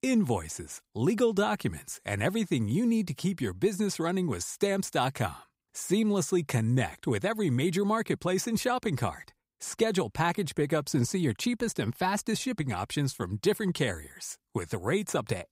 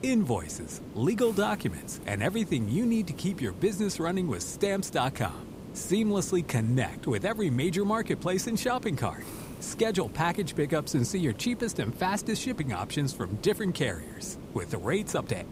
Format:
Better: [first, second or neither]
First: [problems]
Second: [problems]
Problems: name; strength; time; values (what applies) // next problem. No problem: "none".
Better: first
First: none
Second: hiss; noticeable; throughout; 15 dB below the speech